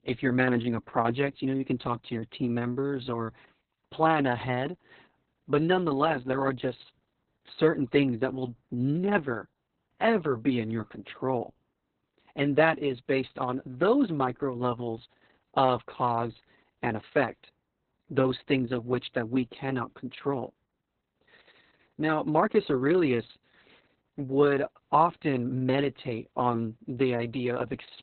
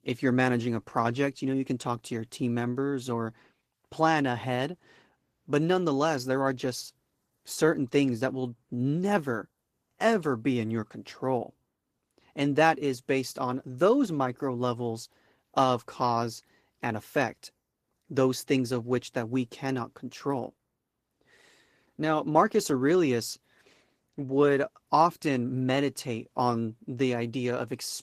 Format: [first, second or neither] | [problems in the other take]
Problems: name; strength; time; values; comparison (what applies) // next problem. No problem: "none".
second | garbled, watery; badly; nothing above 4 kHz; slightly in the second